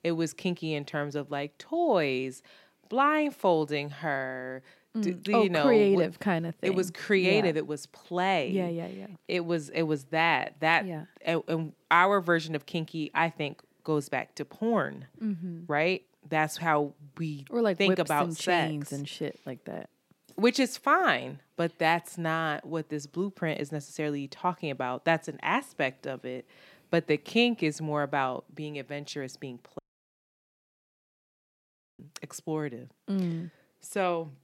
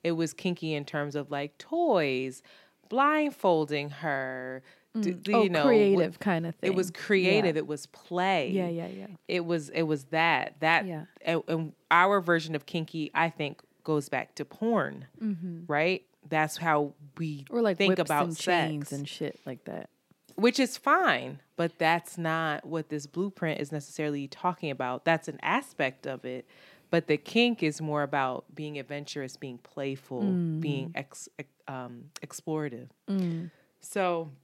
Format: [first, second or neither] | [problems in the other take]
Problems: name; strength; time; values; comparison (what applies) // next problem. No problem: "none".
second | audio cutting out; at 30 s for 2 s